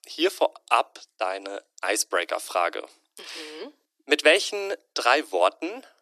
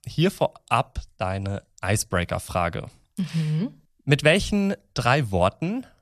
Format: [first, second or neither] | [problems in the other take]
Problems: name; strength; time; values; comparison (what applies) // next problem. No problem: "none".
second | thin; very; fading below 300 Hz